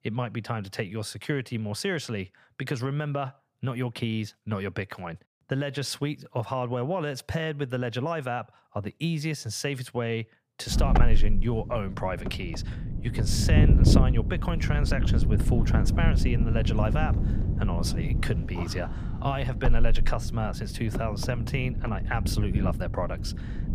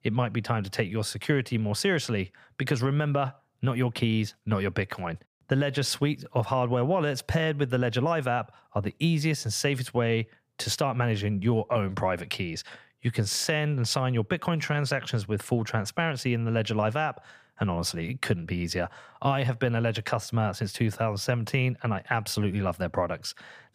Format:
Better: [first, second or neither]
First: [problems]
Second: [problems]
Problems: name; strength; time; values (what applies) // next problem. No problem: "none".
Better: second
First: wind noise on the microphone; heavy; from 11 s on; 5 dB below the speech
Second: none